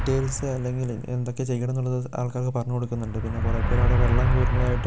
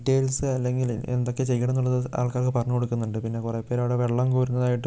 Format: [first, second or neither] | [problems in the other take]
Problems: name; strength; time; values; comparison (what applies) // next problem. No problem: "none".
second | background sound (Motor vehicle (road)); 1 dB above the speech